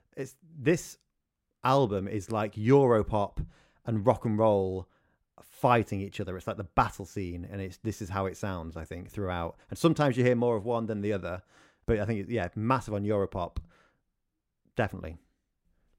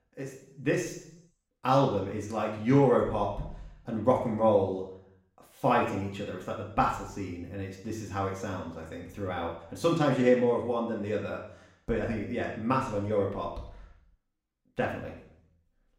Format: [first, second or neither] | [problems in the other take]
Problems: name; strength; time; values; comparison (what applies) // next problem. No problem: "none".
first | room echo; noticeable; dies away in 0.7 s // off-mic speech; somewhat distant